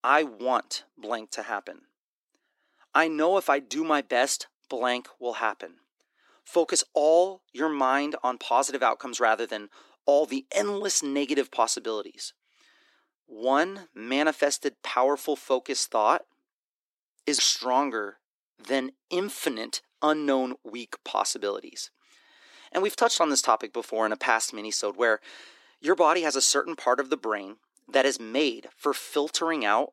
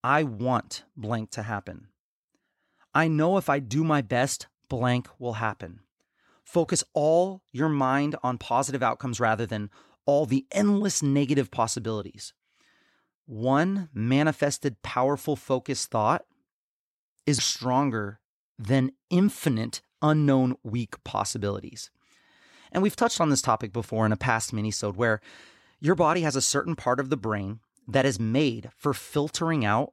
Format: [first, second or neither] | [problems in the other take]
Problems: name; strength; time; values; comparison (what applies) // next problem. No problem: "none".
second | thin; somewhat; fading below 300 Hz